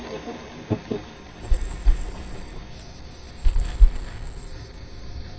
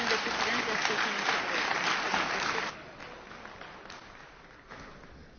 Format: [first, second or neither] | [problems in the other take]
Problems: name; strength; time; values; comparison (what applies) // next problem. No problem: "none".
second | noise reduction (neural mask model DeepFilterNet 3)